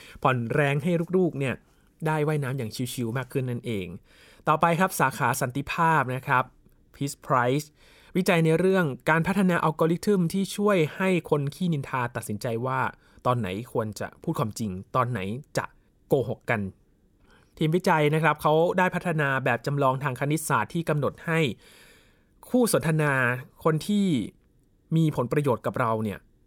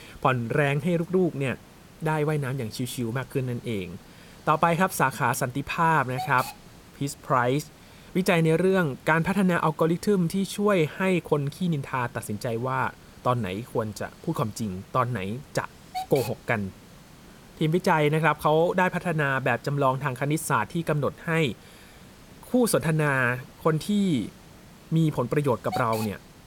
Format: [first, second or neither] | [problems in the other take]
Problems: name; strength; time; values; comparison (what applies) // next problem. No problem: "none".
first | hiss; noticeable; throughout; 20 dB below the speech